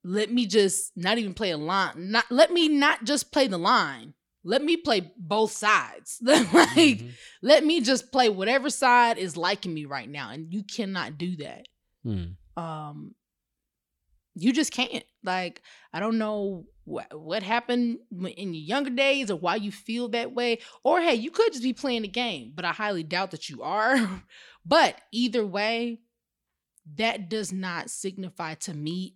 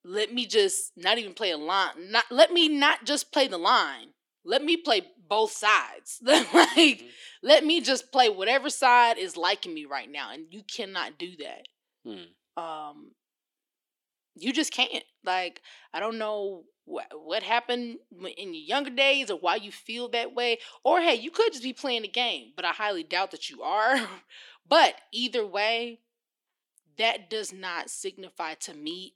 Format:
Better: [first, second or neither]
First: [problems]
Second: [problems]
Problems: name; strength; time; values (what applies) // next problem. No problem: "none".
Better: first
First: none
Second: thin; somewhat; fading below 300 Hz